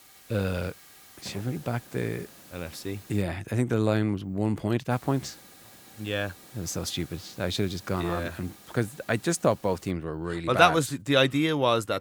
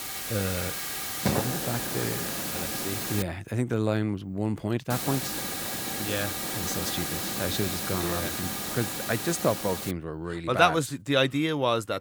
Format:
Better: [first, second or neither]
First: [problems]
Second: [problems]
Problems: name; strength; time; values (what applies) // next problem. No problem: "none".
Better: first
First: hiss; faint; until 3 s and from 5 to 10 s; 20 dB below the speech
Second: hiss; loud; until 3 s and from 5 to 10 s; 1 dB below the speech